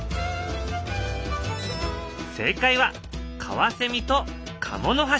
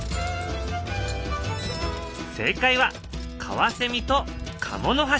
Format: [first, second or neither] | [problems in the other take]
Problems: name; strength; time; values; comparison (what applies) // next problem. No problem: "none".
first | background sound (Cutlery, silverware); 17 dB below the speech